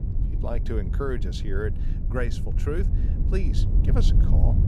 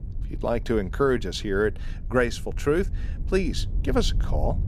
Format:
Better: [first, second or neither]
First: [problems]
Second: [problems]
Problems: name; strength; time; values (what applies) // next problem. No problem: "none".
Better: second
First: low rumble; loud; throughout; 6 dB below the speech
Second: low rumble; faint; throughout; 20 dB below the speech